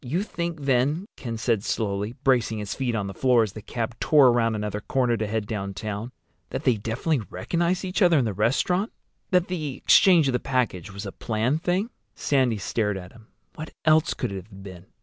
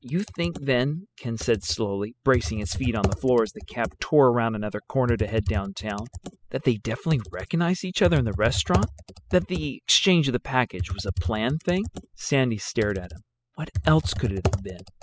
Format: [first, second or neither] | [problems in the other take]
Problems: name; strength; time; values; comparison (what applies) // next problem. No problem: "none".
first | noise reduction (classical method spectral subtraction)